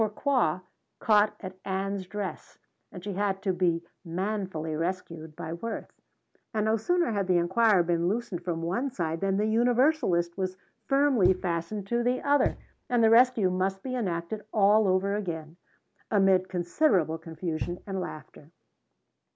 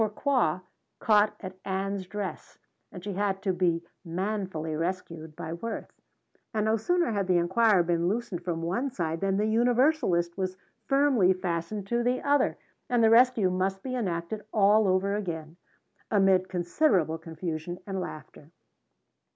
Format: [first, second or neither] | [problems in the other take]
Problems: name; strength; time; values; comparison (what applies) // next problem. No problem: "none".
second | background sound (Knock); 12 dB below the speech